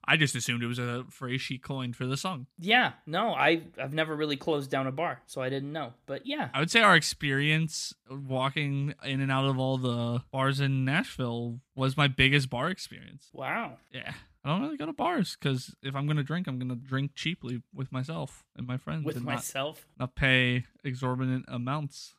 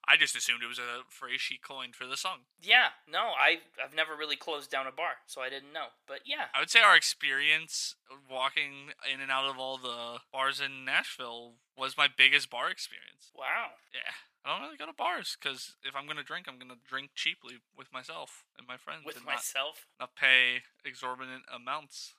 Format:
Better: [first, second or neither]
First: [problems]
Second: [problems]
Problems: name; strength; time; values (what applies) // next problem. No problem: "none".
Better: first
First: none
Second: thin; very; fading below 800 Hz